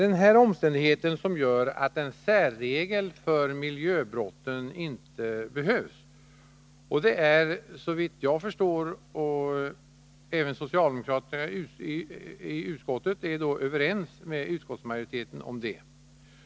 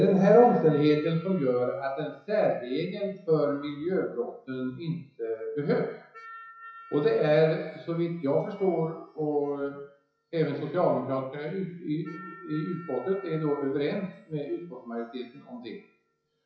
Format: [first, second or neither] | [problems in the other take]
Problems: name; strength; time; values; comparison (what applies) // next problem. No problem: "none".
first | noise reduction (classical method WPE with log-MMSE)